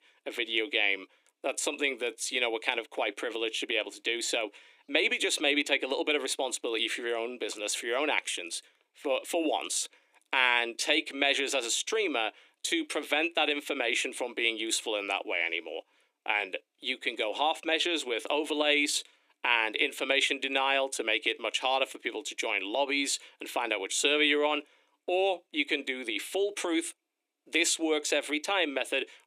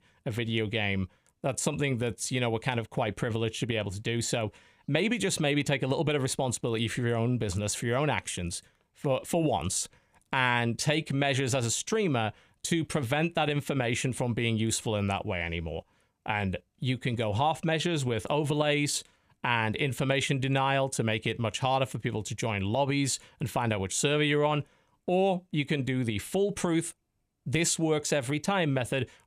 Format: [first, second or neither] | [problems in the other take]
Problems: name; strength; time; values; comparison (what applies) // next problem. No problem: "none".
second | thin; somewhat; fading below 300 Hz